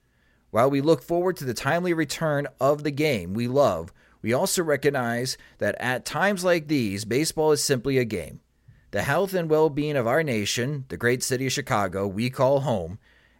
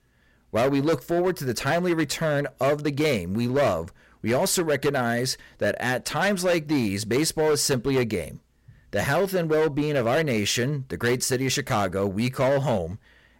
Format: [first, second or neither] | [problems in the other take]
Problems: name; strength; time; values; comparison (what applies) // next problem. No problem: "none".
first | distortion; slight; 10% of the sound clipped